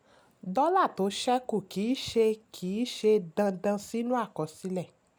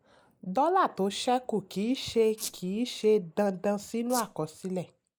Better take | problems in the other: first | noise reduction (neural mask model Resemble Enhance denoiser)

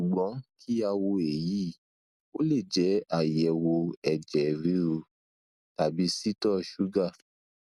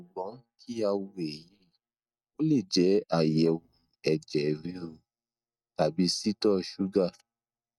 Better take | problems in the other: first | noise reduction (neural mask model DeepFilterNet 3)

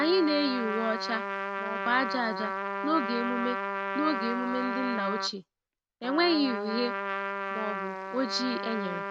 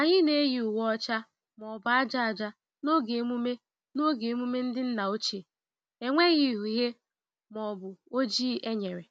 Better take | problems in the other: second | background sound (Trumpet); 3 dB below the speech

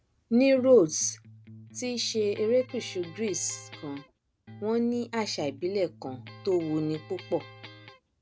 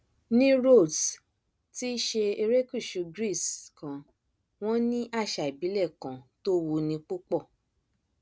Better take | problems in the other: second | background sound (Electric guitar); 19 dB below the speech

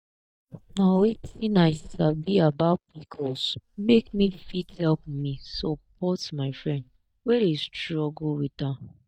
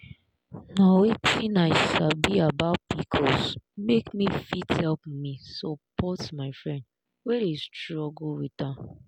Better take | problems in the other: second | noise reduction (neural mask model DeepFilterNet 3)

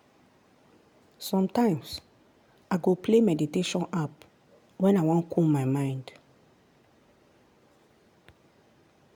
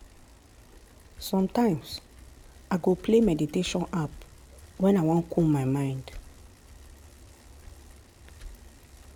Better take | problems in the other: first | background sound (Bicycle); 19 dB below the speech

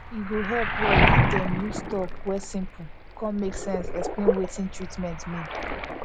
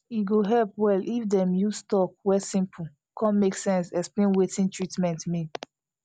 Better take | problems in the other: second | background sound (Waves, surf); 4 dB above the speech

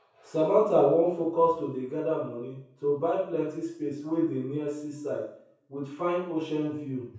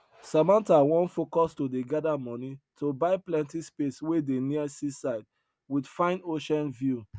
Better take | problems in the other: second | room echo; dies away in 0.6 s

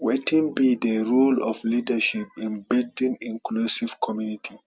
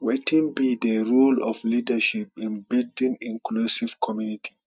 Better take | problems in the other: first | noise reduction (neural mask model DeepFilterNet 3)

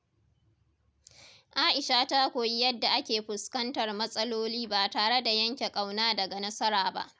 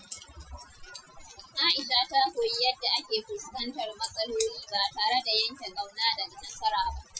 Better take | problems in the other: first | noise reduction (classical method Wiener filter)

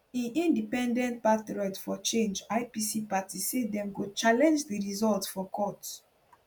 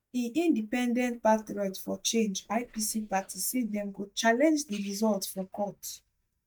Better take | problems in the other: first | noise reduction (neural mask model DeepFilterNet 3)

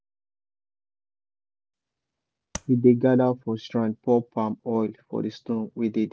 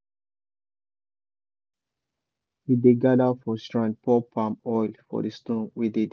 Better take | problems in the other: second | background sound (Tap); 12 dB below the speech

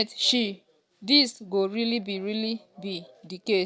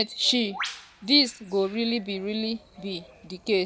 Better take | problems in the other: first | background sound (Bird); 15 dB below the speech

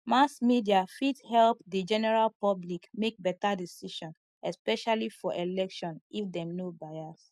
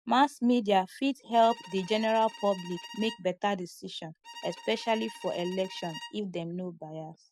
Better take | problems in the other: first | background sound (Bowed string instrument); 17 dB below the speech

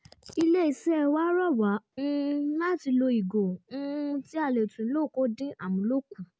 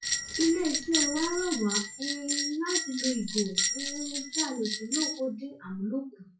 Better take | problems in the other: first | noise reduction (classical method WPE with log-MMSE)

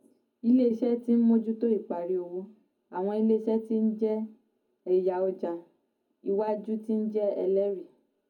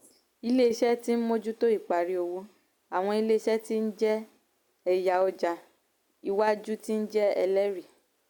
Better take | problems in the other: second | room echo; dies away in 0.4 s

